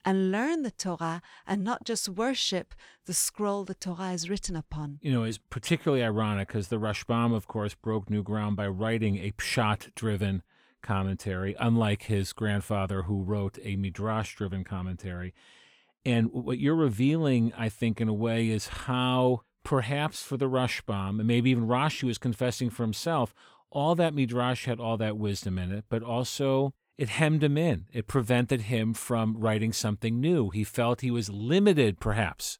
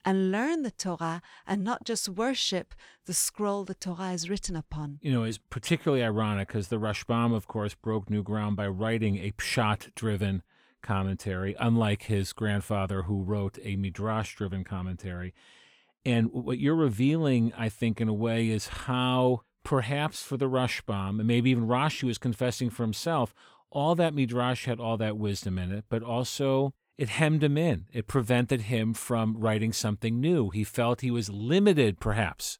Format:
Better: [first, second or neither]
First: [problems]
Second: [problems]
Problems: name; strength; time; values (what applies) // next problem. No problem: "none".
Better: neither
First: none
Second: none